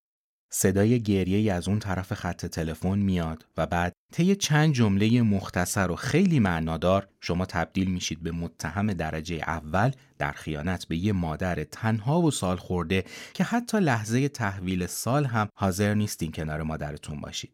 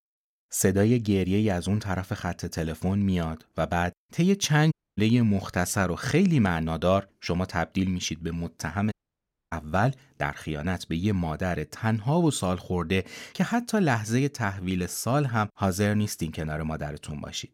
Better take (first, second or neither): first